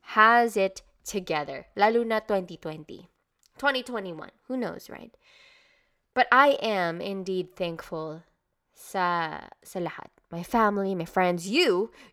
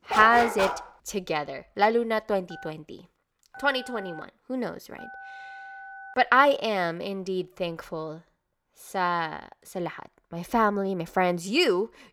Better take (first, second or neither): first